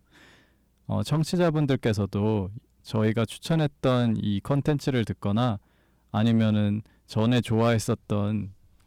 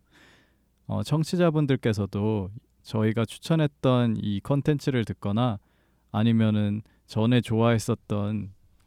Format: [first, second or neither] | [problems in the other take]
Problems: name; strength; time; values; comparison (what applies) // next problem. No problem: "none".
second | distortion; slight; 6% of the sound clipped